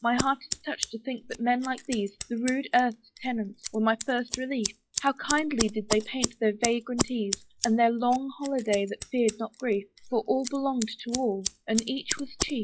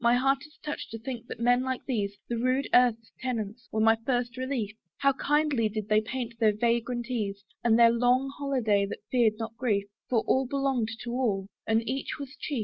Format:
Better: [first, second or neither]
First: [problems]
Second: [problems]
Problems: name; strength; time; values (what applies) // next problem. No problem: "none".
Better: second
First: noise reduction (classical method log-MMSE)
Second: none